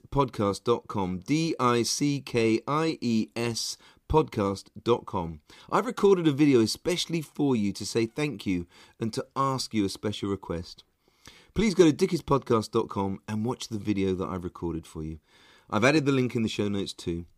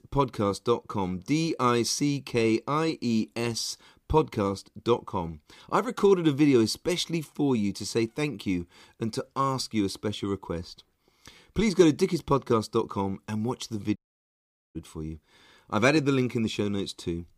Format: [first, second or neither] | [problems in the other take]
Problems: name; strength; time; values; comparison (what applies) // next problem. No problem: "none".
first | audio cutting out; at 14 s for 1 s